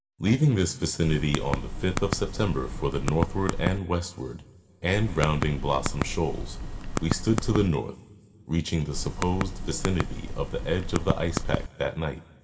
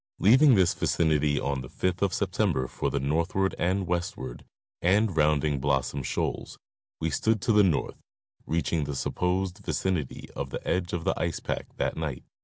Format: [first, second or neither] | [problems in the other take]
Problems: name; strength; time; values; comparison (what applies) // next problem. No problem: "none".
second | background sound (Typing); 3 dB below the speech // room echo; dies away in 2.4 s